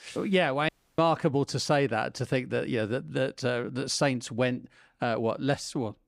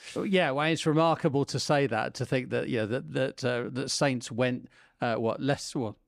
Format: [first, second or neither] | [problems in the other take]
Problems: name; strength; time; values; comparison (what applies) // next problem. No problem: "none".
second | audio cutting out; at 0.5 s